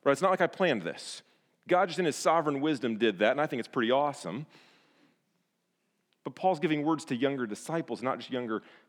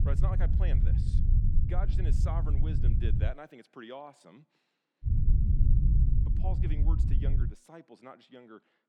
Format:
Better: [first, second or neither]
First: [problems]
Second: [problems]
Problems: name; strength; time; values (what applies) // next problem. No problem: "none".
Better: first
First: none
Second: low rumble; loud; until 3.5 s and from 5 to 7.5 s; 1 dB below the speech